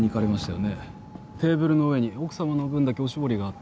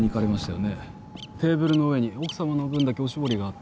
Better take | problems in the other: first | background sound (Bird vocalization, bird call, bird song); 18 dB below the speech

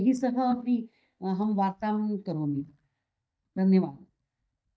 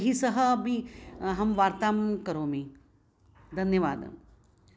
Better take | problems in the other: second | noise reduction (neural mask model DeepFilterNet 3)

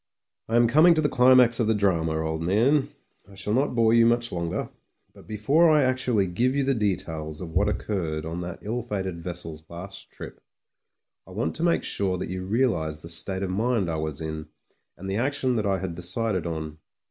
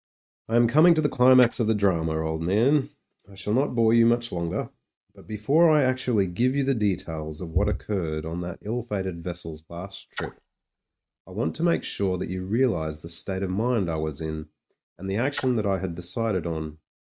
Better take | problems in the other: first | noise reduction (neural mask model RNNoise)

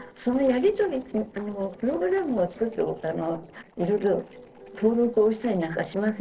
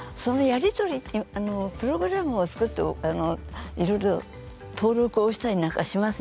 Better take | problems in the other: second | noise reduction (neural separator model SepFormer DNS4)

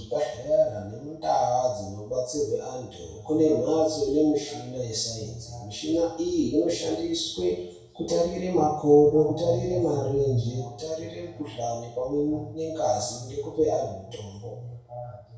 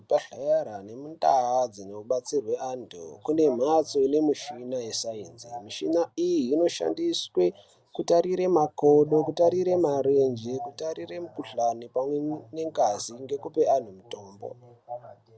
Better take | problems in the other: second | room echo; dies away in 0.6 s

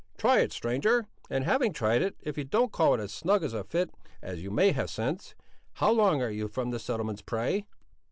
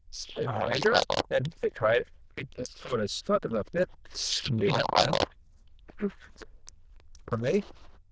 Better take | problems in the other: first | noise reduction (neural diffusion model UNIVERSE++)

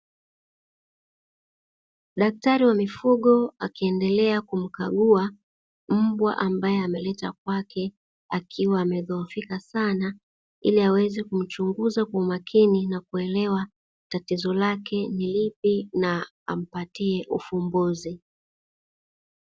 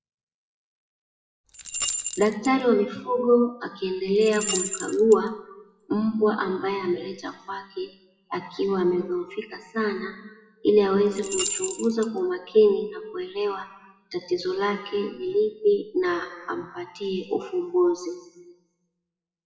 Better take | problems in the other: first | noise reduction (classical method WPE with log-MMSE)

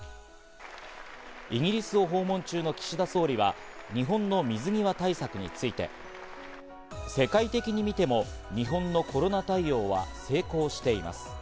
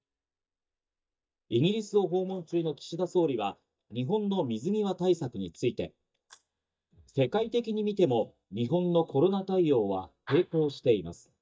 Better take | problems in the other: first | noise reduction (neural mask model DeepFilterNet 3)

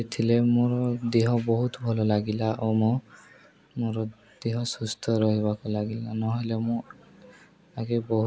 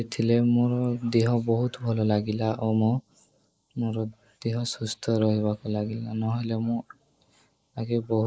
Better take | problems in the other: first | noise reduction (neural mask model Resemble Enhance denoiser)

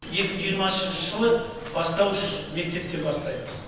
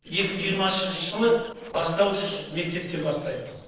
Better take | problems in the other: first | noise reduction (neural separator model SepFormer DNS4)

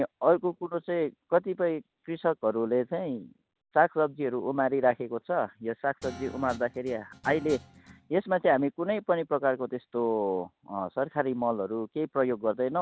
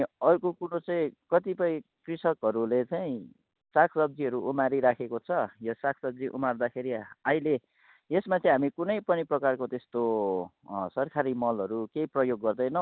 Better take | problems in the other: second | background sound (Guitar); 17 dB below the speech

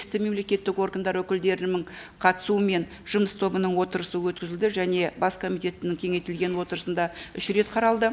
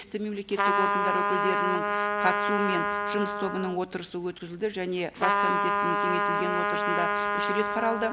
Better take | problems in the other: first | background sound (Trumpet); 3 dB above the speech

